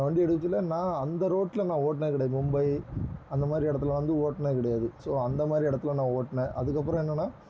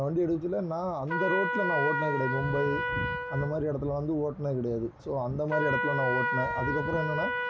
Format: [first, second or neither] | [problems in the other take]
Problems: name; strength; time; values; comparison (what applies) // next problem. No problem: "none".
first | background sound (Trumpet); 2 dB below the speech